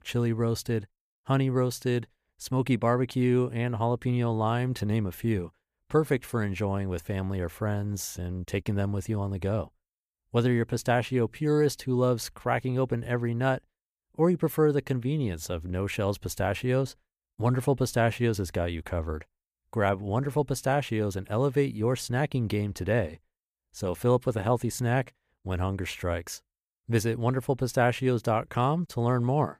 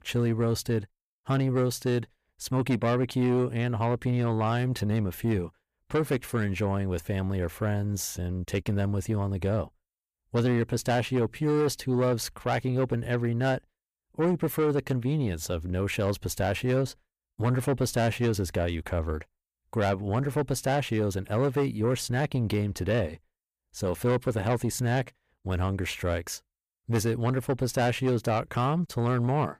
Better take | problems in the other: first | distortion; slight; 10 dB below the speech

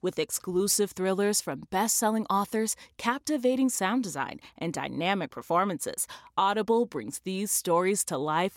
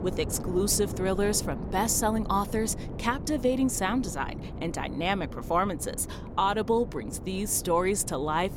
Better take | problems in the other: first | wind noise on the microphone; occasional gusts; 15 dB below the speech

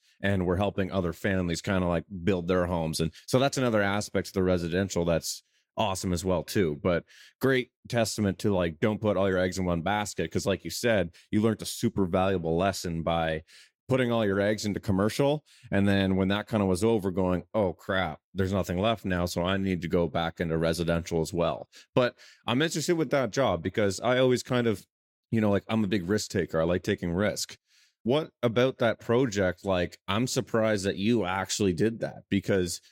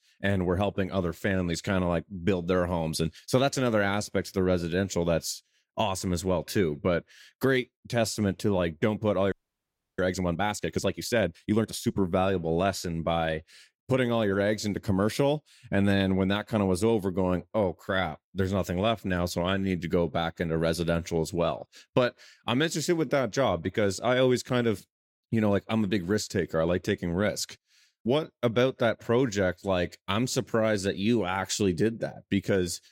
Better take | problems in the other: first | audio freezing; at 9.5 s for 0.5 s

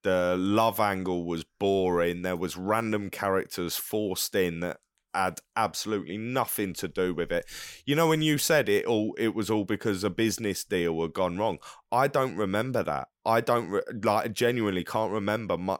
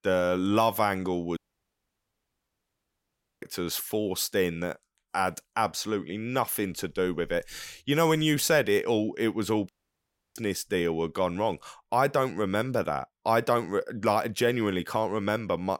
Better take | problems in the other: first | audio cutting out; at 1.5 s for 2 s and at 9.5 s for 0.5 s

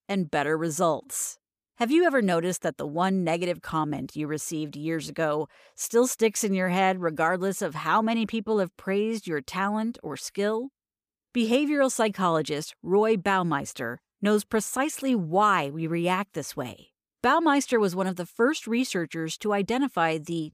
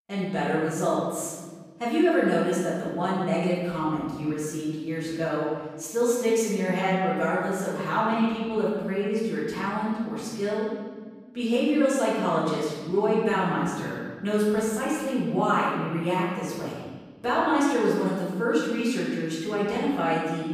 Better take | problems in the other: first | room echo; strong; dies away in 1.4 s // off-mic speech; far

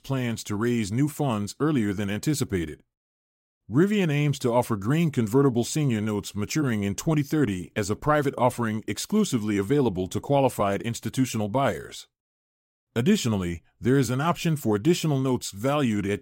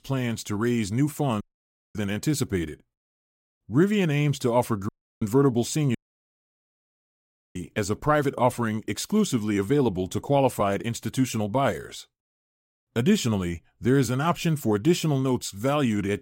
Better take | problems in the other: first | audio cutting out; at 1.5 s for 0.5 s, at 5 s and at 6 s for 1.5 s

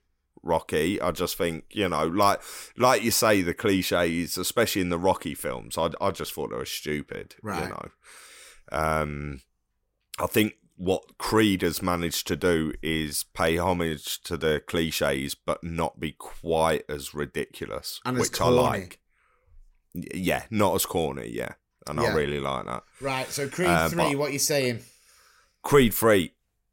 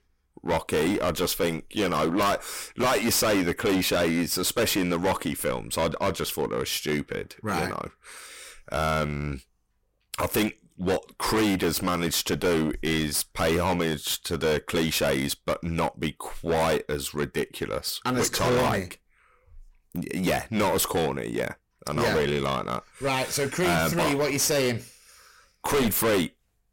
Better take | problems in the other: first | distortion; heavy; 16% of the sound clipped

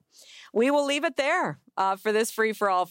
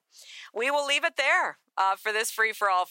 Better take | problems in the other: first | thin; very; fading below 750 Hz

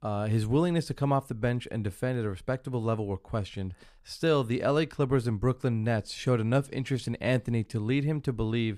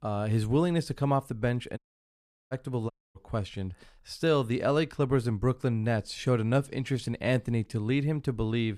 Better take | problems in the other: first | audio cutting out; at 2 s for 0.5 s and at 3 s

